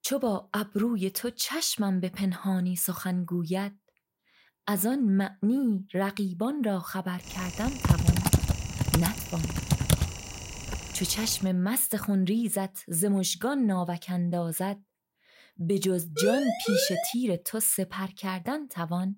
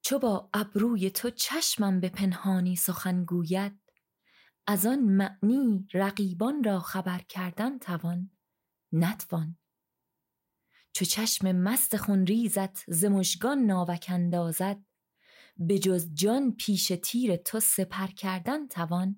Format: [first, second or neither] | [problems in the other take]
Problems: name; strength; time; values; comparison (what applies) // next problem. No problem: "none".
second | keyboard typing; loud; from 7.5 to 11 s; peak 5 dB above the speech // siren; loud; at 16 s; peak level with the speech